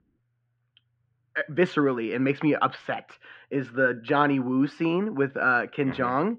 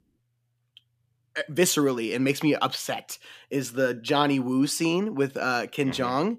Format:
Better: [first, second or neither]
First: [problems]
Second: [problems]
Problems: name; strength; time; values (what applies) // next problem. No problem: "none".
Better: second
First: muffled; very; fading above 2.5 kHz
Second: none